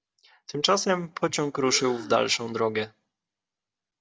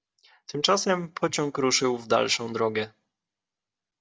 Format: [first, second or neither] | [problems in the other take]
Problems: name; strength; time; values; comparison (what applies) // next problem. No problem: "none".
second | background sound (Breathing); 16 dB below the speech